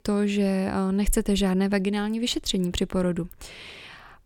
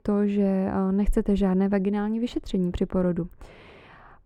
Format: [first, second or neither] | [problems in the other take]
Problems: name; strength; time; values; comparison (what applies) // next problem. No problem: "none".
first | muffled; very; fading above 2.5 kHz